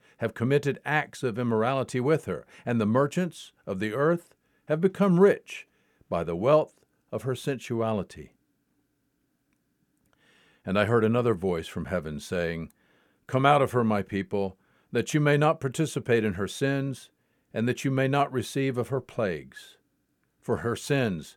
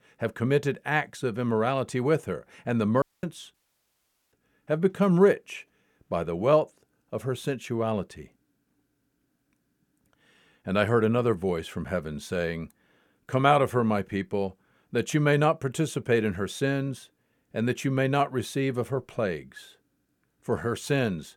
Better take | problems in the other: first | audio cutting out; at 3 s and at 3.5 s for 1 s

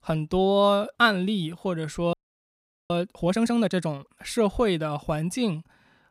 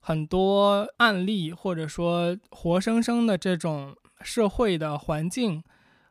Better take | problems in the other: second | audio freezing; at 2 s for 1 s

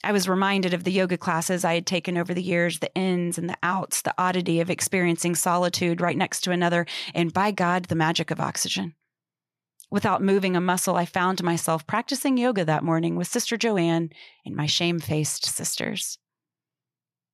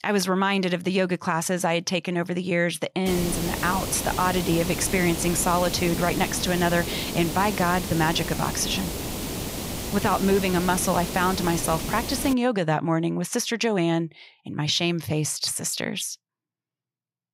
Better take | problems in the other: first | hiss; loud; from 3 to 12 s; 6 dB below the speech

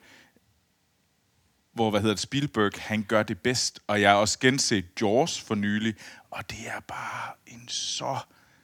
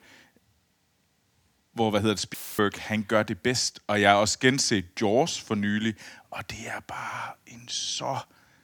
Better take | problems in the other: first | audio cutting out; filled with static; at 2.5 s

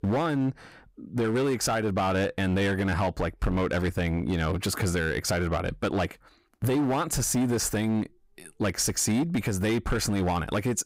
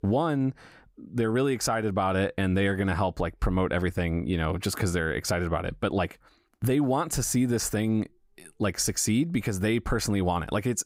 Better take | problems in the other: second | distortion; slight; 14% of the sound clipped

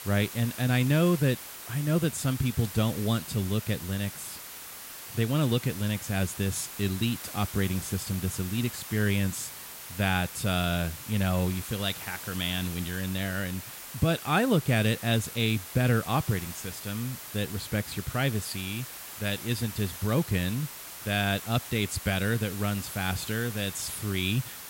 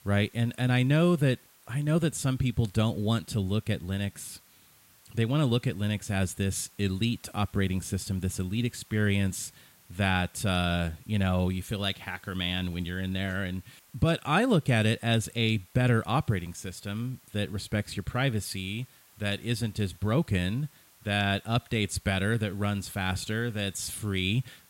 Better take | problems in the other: second | hiss; loud; throughout; 10 dB below the speech; faint in the second

